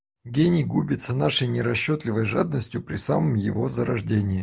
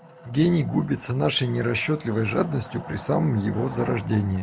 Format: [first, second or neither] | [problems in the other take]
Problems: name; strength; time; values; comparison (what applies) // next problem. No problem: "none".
first | background sound (Wood); 17 dB below the speech